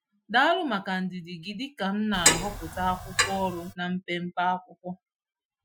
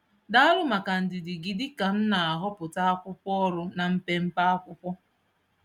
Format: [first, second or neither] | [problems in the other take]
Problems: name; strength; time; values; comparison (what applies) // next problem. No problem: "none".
second | noise reduction (classical method Wiener filter)